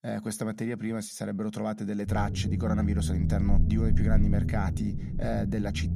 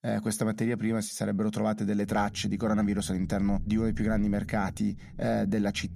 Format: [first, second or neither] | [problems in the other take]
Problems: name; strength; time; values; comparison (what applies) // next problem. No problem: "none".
second | low rumble; loud; from 2 s on; 6 dB below the speech; faint in the second